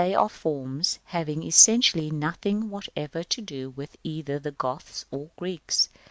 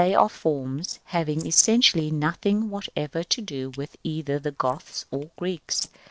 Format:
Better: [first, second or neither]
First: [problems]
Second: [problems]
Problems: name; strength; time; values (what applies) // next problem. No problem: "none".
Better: first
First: none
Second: noise reduction (neural separator model SepFormer DNS4)